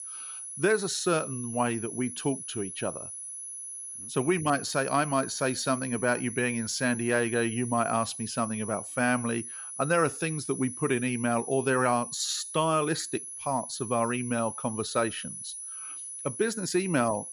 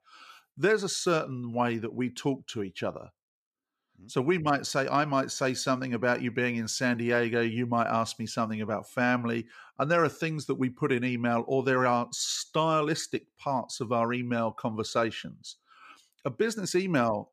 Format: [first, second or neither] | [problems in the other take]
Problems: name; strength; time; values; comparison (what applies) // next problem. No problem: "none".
second | high-pitched whine; loud; throughout; 10 kHz, 8 dB below the speech